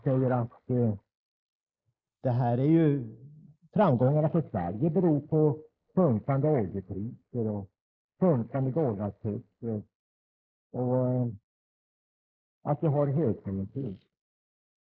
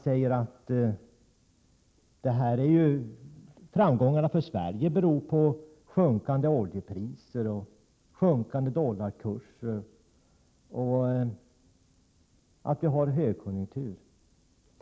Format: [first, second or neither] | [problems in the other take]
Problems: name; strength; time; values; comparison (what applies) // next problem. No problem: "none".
second | noise reduction (neural mask model Resemble Enhance denoiser)